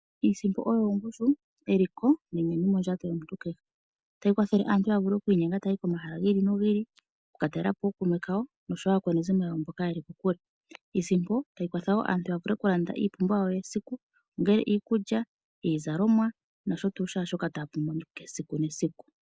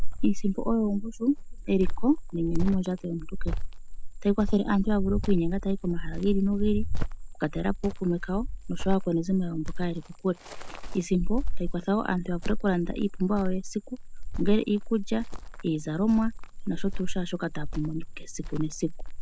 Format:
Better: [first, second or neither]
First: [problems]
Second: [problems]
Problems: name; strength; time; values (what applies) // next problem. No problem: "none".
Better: first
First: none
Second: background sound (Cricket); as loud as the speech